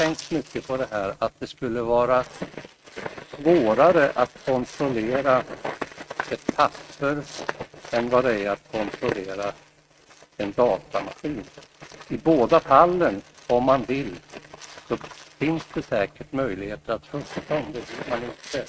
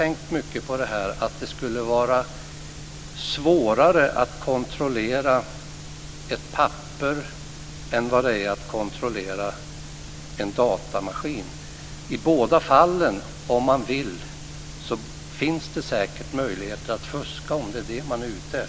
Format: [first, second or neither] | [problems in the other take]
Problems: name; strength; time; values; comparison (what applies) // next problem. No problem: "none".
second | noise reduction (neural mask model RNNoise)